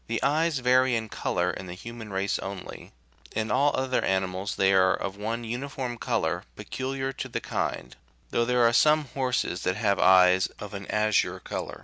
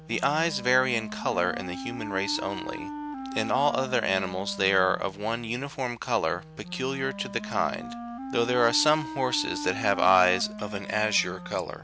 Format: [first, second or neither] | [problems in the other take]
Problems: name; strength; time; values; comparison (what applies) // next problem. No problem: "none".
first | background sound (Wind instrument, woodwind instrument); 10 dB below the speech